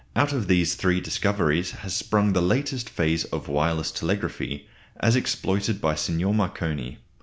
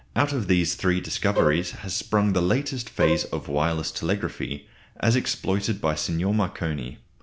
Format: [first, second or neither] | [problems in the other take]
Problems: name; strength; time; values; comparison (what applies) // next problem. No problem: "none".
first | background sound (Bowed string instrument); 3 dB below the speech